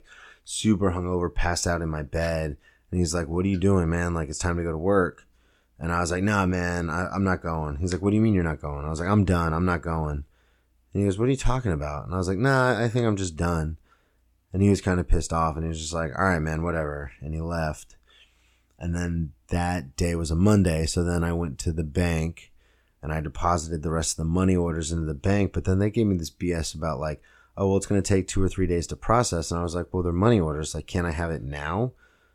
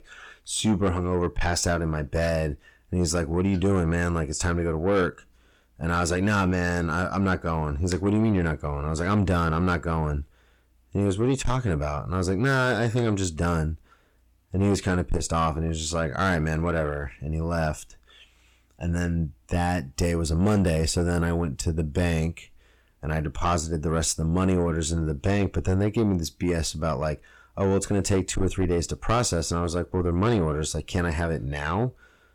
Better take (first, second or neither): first